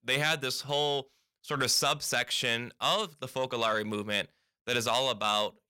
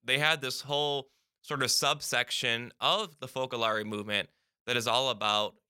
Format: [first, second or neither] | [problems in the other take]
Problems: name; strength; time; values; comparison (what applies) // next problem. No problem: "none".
second | distortion; slight; 10 dB below the speech